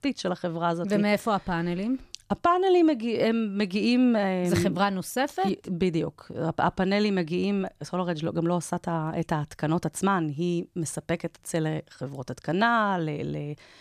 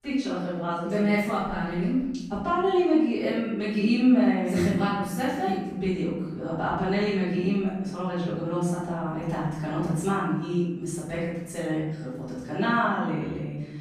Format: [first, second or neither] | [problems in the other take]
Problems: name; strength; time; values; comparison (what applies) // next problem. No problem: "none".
first | room echo; strong; dies away in 1 s // off-mic speech; far